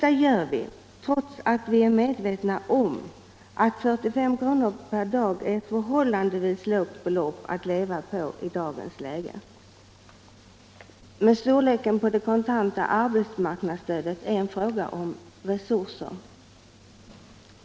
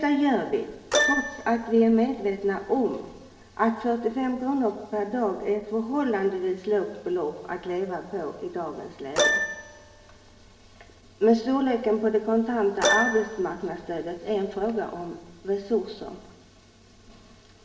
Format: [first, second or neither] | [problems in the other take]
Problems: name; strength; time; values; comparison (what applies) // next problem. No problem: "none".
first | background sound (Keyboard (musical)); 5 dB below the speech // room echo; dies away in 0.8 s